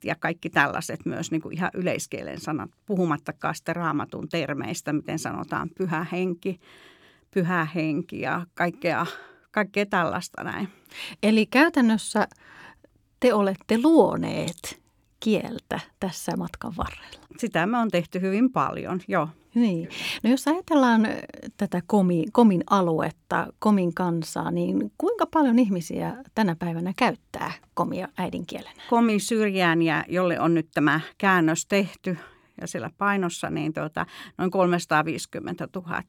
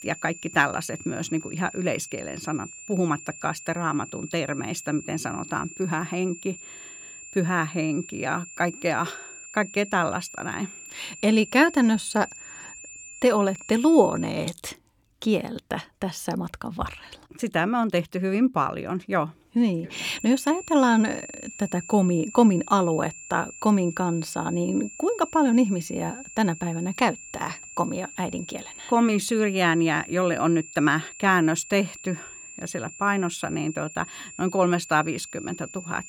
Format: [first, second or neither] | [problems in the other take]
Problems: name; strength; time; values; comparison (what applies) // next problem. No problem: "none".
first | high-pitched whine; noticeable; until 14 s and from 20 s on; 7.5 kHz, 15 dB below the speech